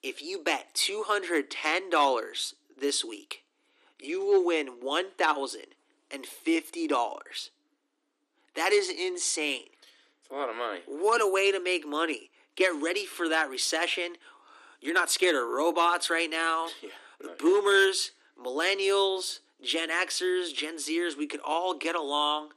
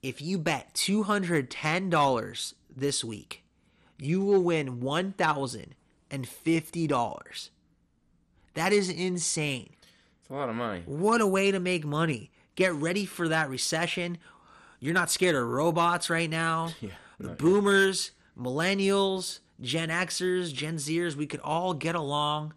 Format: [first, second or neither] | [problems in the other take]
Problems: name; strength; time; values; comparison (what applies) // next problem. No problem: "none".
second | thin; somewhat; fading below 300 Hz